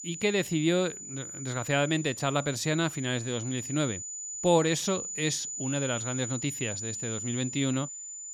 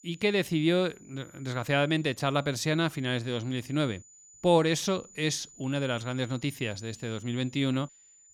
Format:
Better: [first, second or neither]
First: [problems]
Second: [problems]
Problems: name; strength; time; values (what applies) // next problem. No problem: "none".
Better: second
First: high-pitched whine; loud; throughout; 7 kHz, 6 dB below the speech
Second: high-pitched whine; faint; throughout; 7 kHz, 25 dB below the speech